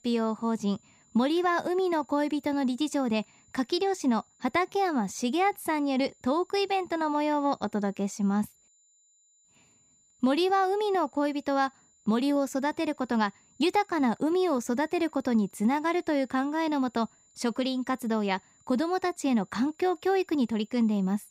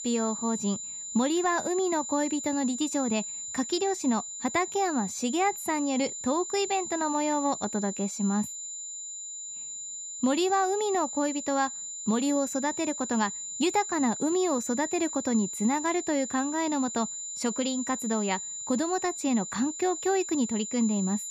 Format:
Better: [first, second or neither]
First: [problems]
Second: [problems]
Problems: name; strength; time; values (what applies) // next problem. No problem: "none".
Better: first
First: high-pitched whine; faint; throughout; 7 kHz, 30 dB below the speech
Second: high-pitched whine; loud; throughout; 7 kHz, 6 dB below the speech